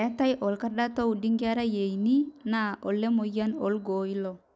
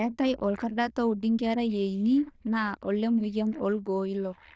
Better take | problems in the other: first | noise reduction (neural diffusion model UNIVERSE++)

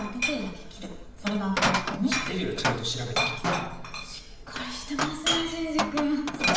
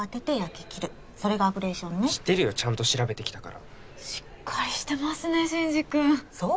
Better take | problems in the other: second | background sound (Glass); 1 dB above the speech // room echo; dies away in 0.8 s

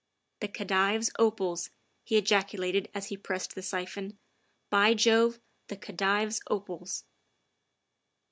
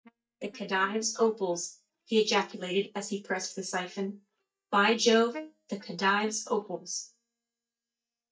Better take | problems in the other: first | noise reduction (neural mask model DeepFilterNet 3)

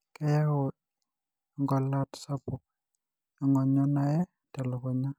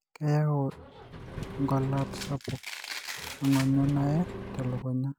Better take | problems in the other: first | background sound (Domestic sounds, home sounds + Engine); 10 dB below the speech

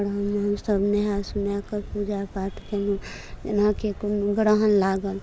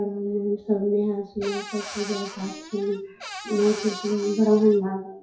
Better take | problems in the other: first | noise reduction (classical method WPE with log-MMSE)

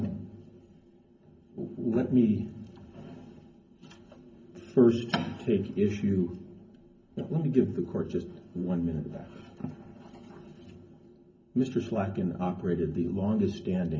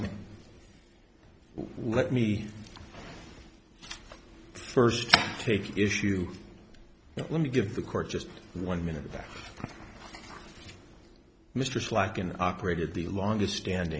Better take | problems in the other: second | room echo; dies away in 0.3 s

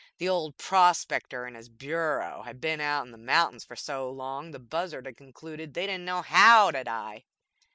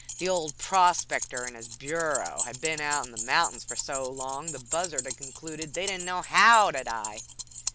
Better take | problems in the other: first | background sound (Keys jangling); 8 dB below the speech

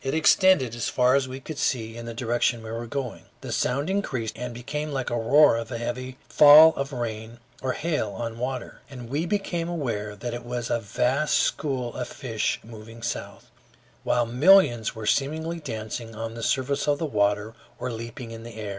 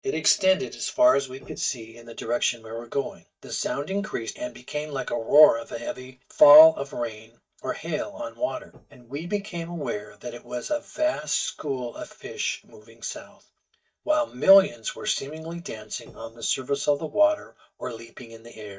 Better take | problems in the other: first | noise reduction (neural mask model DeepFilterNet 3)

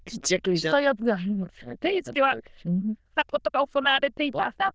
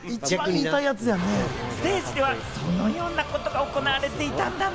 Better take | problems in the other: second | noise reduction (neural diffusion model UNIVERSE++)

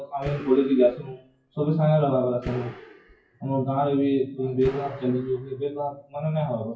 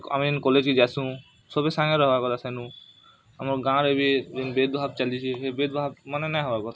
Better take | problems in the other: second | noise reduction (classical method WPE with log-MMSE)

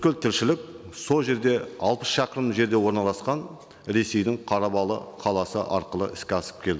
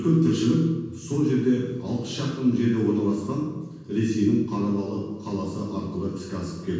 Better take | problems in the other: first | room echo; dies away in 1.2 s

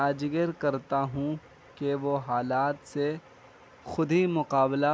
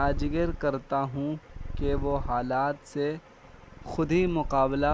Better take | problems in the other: first | background sound (Purr); 7 dB below the speech

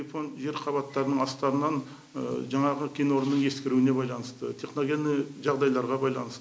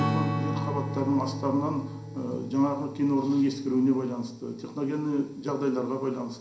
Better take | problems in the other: first | background sound (Strum); 7 dB below the speech // room echo; dies away in 0.5 s

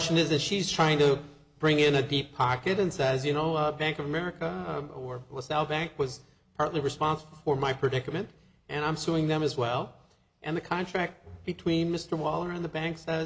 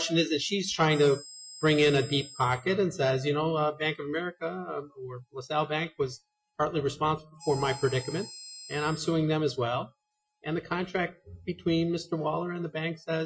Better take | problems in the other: first | noise reduction (classical method Wiener filter)

